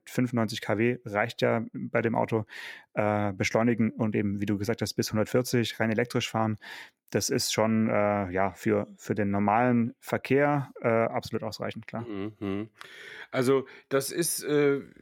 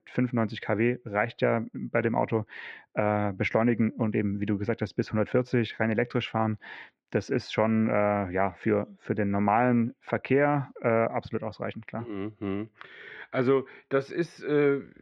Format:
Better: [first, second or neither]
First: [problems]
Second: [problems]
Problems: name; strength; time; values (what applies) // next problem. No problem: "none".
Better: first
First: none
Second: muffled; very; fading above 3 kHz